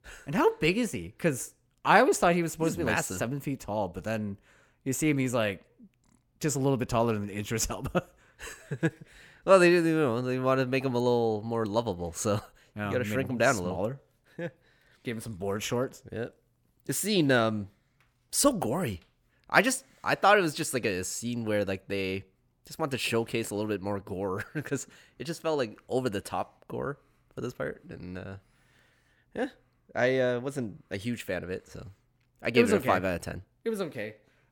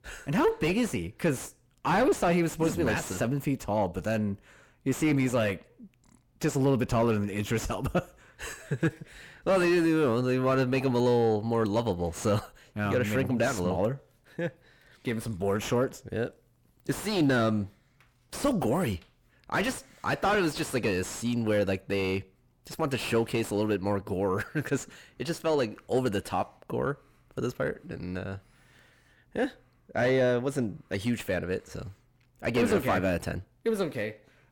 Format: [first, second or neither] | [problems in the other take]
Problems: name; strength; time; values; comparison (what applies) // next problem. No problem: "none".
first | distortion; heavy; 6 dB below the speech